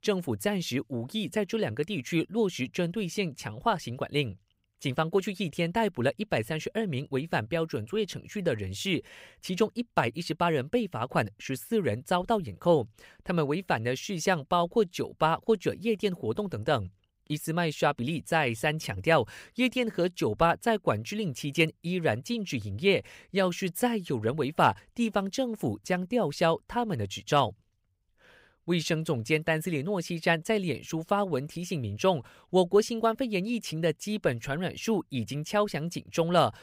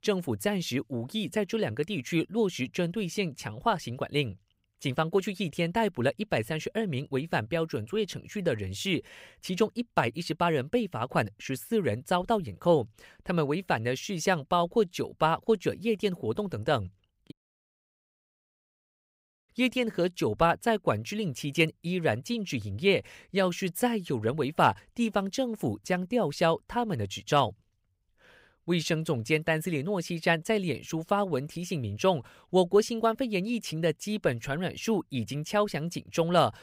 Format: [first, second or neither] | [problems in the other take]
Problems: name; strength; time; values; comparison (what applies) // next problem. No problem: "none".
first | audio cutting out; at 17 s for 2 s